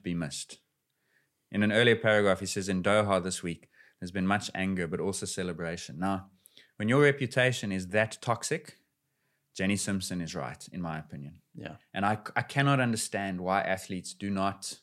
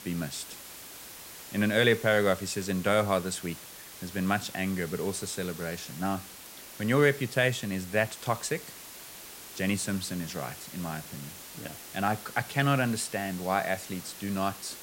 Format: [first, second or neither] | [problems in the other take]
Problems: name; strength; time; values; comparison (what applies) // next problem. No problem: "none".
first | hiss; noticeable; throughout; 15 dB below the speech